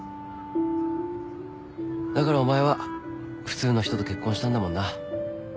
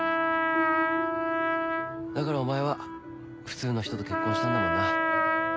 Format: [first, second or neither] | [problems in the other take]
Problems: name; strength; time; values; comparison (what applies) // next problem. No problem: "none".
first | background sound (Trumpet); 4 dB above the speech